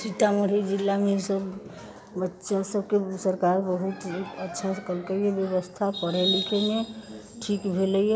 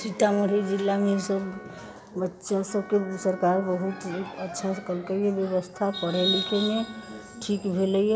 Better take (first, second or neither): first